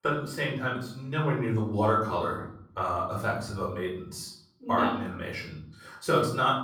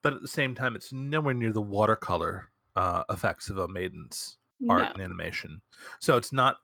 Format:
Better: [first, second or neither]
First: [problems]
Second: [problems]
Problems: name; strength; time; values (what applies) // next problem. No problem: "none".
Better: second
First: off-mic speech; far // room echo; noticeable; dies away in 0.6 s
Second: none